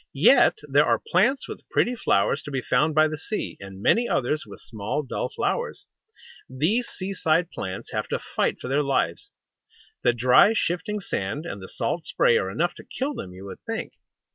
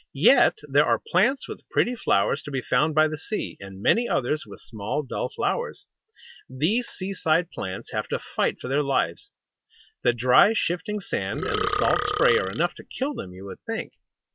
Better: first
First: none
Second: background sound (Burping, eructation); 3 dB below the speech

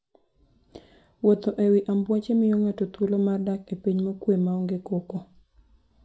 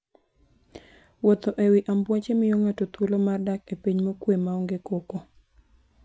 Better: second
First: room echo; dies away in 0.3 s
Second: none

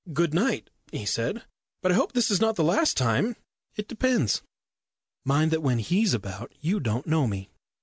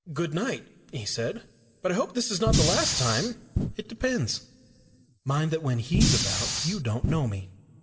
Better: first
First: none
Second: background sound (Fire); 3 dB above the speech // room echo; dies away in 1 s

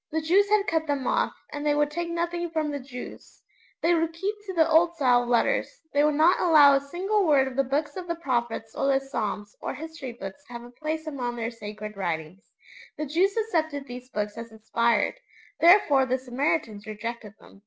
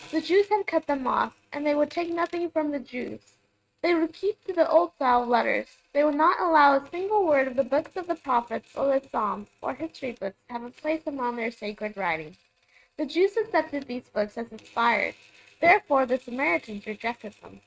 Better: first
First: none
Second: noise reduction (neural mask model RNNoise)

